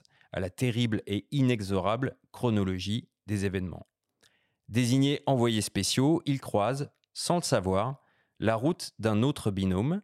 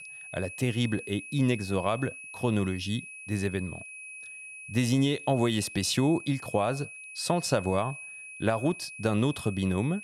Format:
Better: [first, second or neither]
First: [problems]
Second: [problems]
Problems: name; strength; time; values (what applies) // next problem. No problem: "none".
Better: first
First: none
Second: high-pitched whine; noticeable; throughout; 2.5 kHz, 10 dB below the speech